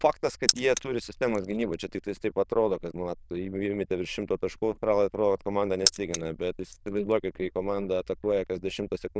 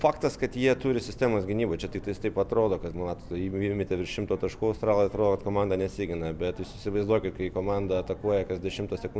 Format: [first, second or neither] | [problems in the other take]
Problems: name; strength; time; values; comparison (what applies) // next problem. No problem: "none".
second | noise reduction (neural diffusion model UNIVERSE++)